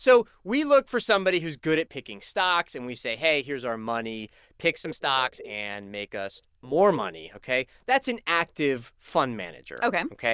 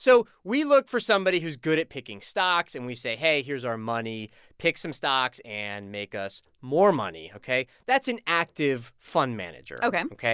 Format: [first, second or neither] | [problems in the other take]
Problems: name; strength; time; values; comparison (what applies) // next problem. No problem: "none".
second | noise reduction (neural diffusion model UNIVERSE++)